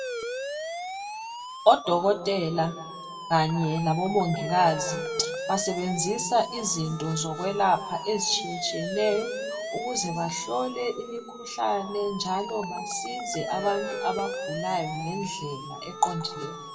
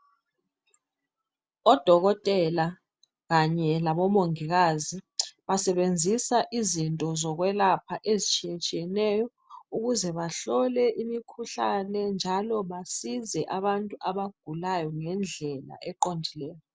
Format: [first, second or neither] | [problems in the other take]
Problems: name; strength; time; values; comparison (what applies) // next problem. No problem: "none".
second | background sound (Siren); 8 dB below the speech // room echo; dies away in 1.1 s